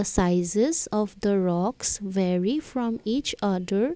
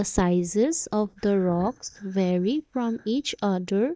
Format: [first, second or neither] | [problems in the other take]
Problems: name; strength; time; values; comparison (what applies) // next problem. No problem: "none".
first | noise reduction (neural mask model DeepFilterNet 3)